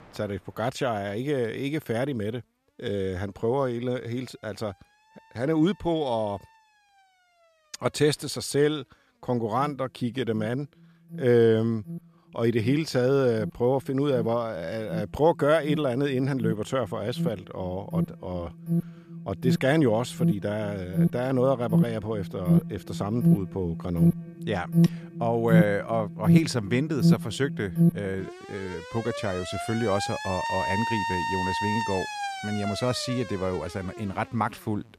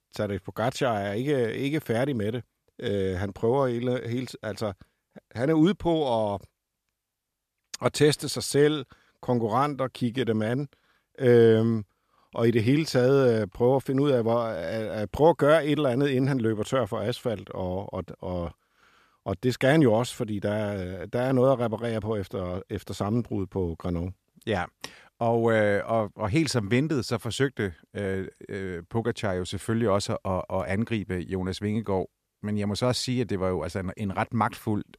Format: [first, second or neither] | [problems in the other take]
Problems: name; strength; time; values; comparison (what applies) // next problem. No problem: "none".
second | alarms or sirens; loud; throughout; 1 dB below the speech